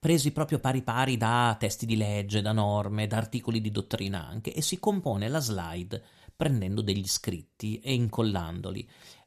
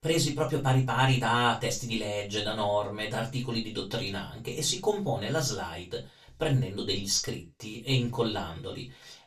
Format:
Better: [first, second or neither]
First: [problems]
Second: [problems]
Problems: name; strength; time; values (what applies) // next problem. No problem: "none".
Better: first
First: none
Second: room echo; slight; dies away in 0.2 s // off-mic speech; far